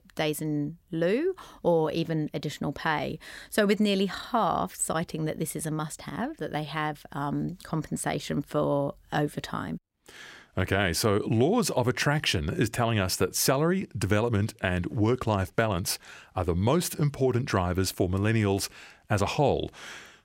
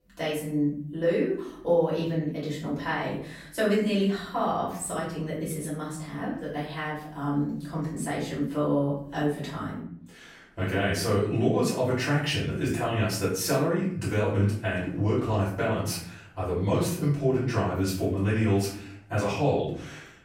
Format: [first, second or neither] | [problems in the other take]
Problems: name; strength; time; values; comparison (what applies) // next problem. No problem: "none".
first | off-mic speech; far // room echo; noticeable; dies away in 0.6 s